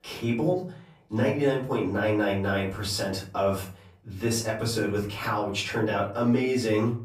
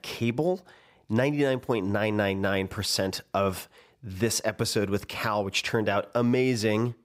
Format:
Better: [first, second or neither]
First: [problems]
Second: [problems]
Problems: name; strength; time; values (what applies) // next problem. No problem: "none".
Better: second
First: off-mic speech; far // room echo; slight; dies away in 0.4 s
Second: none